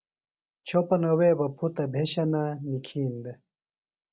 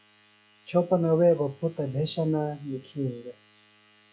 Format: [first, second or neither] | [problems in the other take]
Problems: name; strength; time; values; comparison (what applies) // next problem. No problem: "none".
first | noise reduction (classical method log-MMSE)